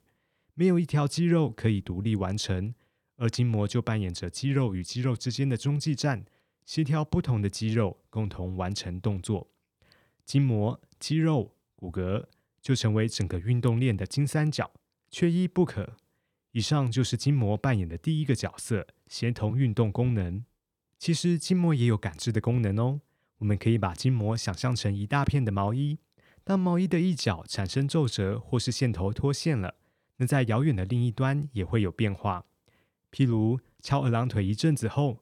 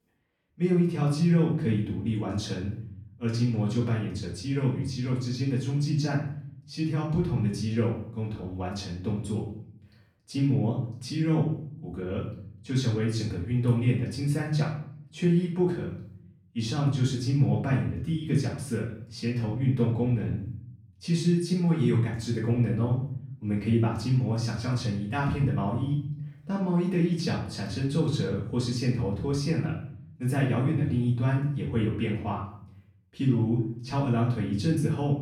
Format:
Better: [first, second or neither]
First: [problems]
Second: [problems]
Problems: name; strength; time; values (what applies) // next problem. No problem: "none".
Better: first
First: none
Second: off-mic speech; far // room echo; noticeable; dies away in 0.6 s